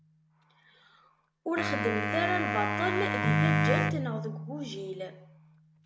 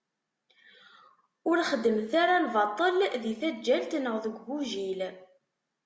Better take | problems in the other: second | background sound (Wind instrument, woodwind instrument + Keyboard (musical)); 3 dB above the speech

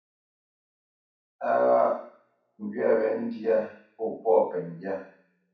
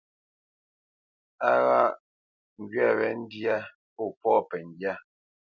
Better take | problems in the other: second | room echo; dies away in 0.6 s

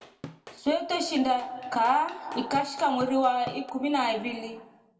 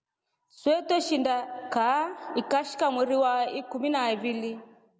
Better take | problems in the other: second | background sound (Drum / Drum kit); 19 dB below the speech // room echo; dies away in 0.3 s

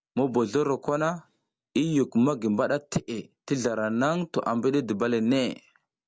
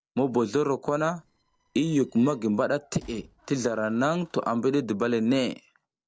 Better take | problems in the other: first | noise reduction (neural separator model SepFormer DNS4)

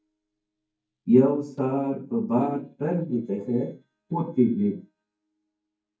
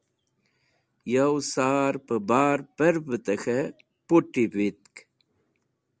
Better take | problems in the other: second | noise reduction (neural mask model DeepFilterNet 3)

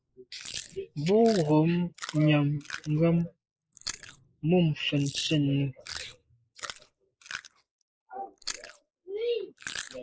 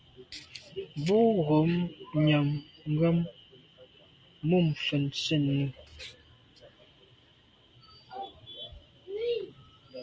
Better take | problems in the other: second | noise reduction (neural mask model Resemble Enhance denoiser)

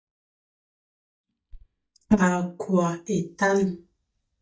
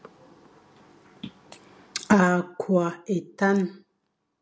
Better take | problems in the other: second | noise reduction (neural mask model DeepFilterNet 3)

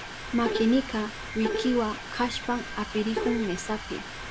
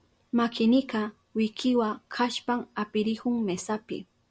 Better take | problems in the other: second | background sound (Bowed string instrument + Mechanisms); 5 dB below the speech

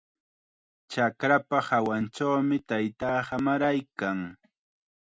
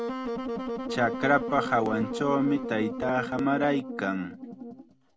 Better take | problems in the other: first | background sound (Wind instrument, woodwind instrument); 6 dB below the speech

